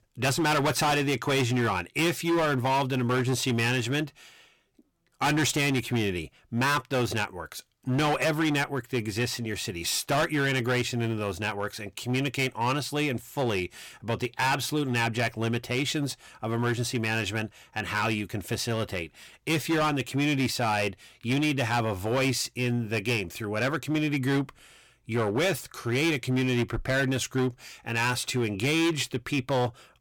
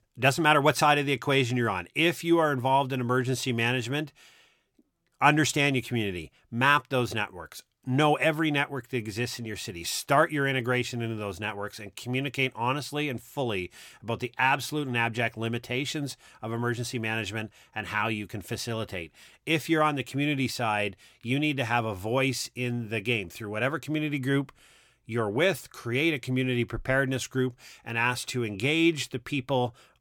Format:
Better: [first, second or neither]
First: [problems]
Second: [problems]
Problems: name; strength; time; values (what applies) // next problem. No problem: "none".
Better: second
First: distortion; heavy; 12% of the sound clipped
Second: none